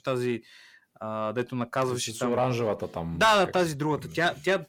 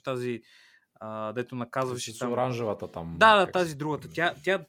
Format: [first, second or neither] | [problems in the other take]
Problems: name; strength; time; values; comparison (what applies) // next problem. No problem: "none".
second | distortion; heavy; 8 dB below the speech